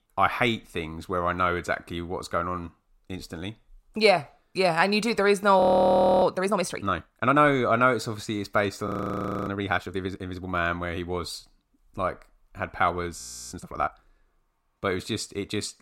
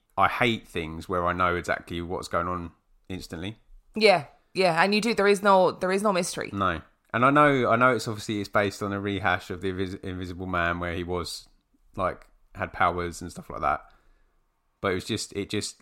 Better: second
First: audio freezing; at 5.5 s for 0.5 s, at 9 s for 0.5 s and at 13 s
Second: none

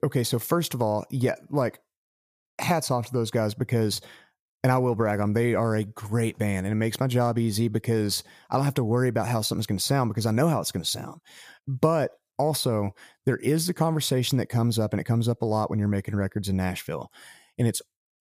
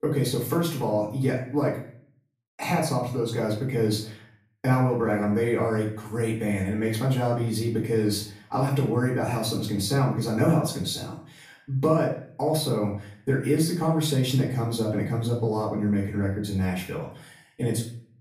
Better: first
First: none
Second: room echo; slight; dies away in 0.5 s // off-mic speech; far

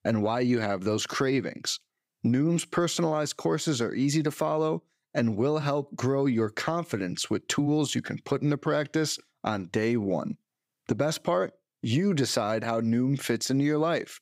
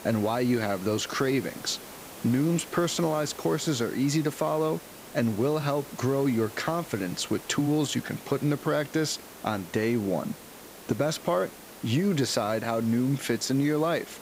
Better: first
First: none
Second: hiss; noticeable; throughout; 15 dB below the speech

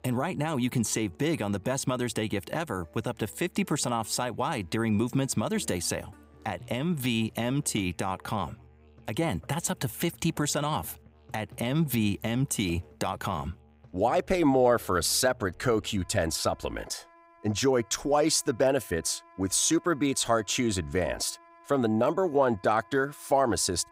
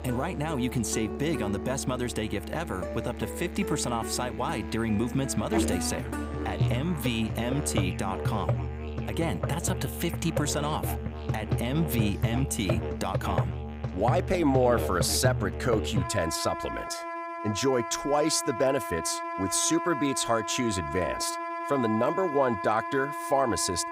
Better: first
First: background music; faint; throughout; 25 dB below the speech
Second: background music; loud; throughout; 4 dB below the speech

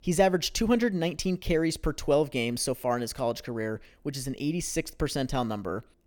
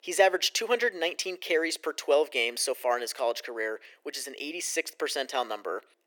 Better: first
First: none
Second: thin; very; fading below 400 Hz

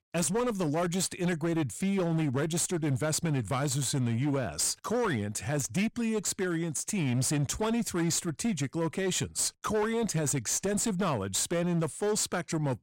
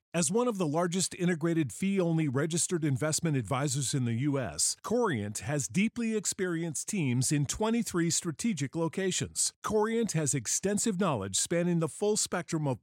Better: second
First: distortion; slight; 18% of the sound clipped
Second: none

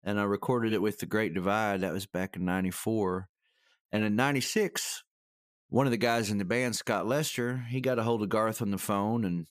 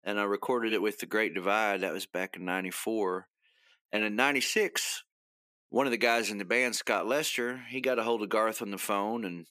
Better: first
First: none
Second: thin; somewhat; fading below 300 Hz

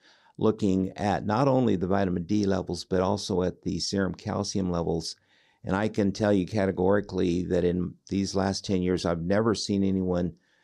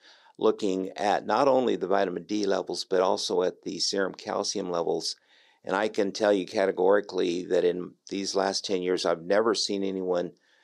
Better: first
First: none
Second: thin; somewhat; fading below 450 Hz

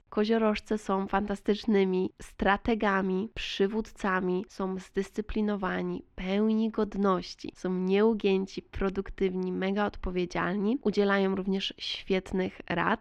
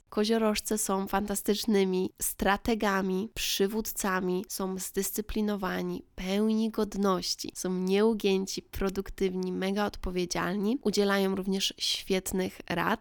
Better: second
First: muffled; slightly; fading above 2.5 kHz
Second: none

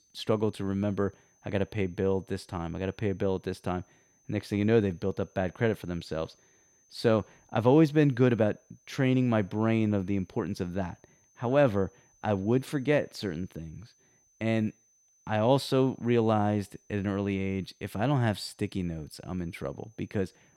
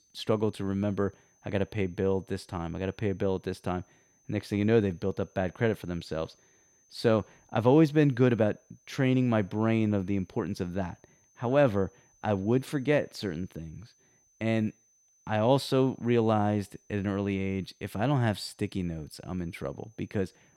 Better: neither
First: high-pitched whine; faint; throughout; 6 kHz, 35 dB below the speech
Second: high-pitched whine; faint; throughout; 6 kHz, 35 dB below the speech

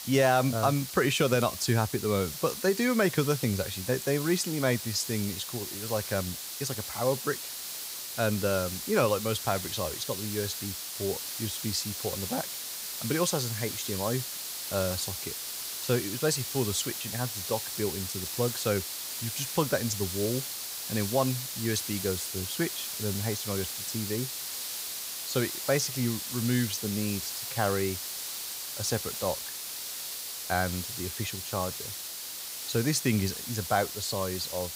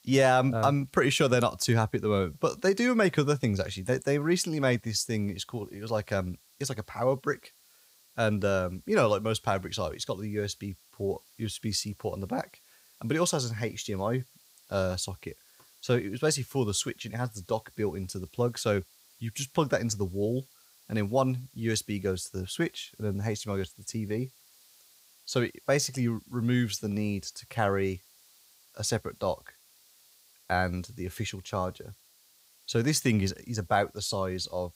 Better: second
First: hiss; loud; throughout; 4 dB below the speech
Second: hiss; faint; throughout; 30 dB below the speech

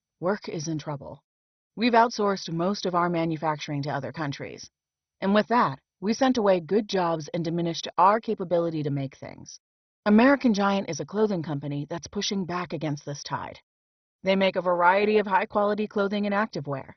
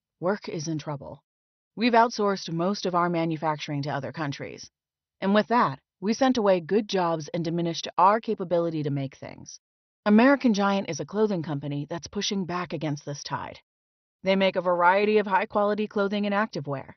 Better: second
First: garbled, watery; badly; nothing above 6 kHz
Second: garbled, watery; slightly; nothing above 6 kHz

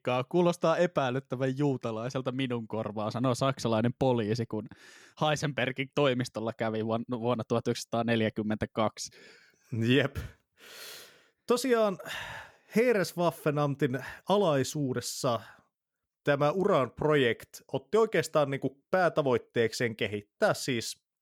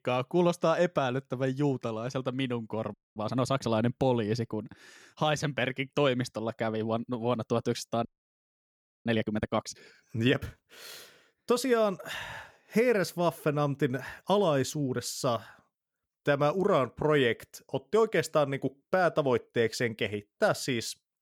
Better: first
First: none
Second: audio freezing; at 3 s and at 8 s for 1 s

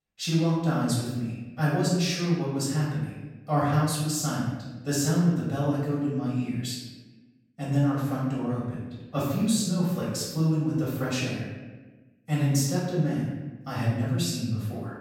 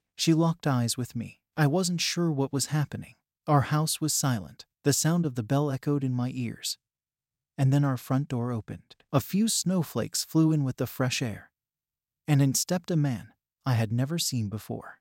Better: second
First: off-mic speech; far // room echo; noticeable; dies away in 1.1 s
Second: none

